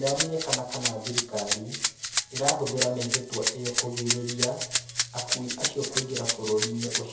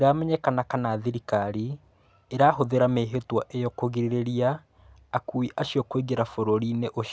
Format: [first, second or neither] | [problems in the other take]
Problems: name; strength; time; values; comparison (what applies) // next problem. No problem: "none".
second | background sound (Rattle (instrument)); 2 dB above the speech // room echo; dies away in 0.7 s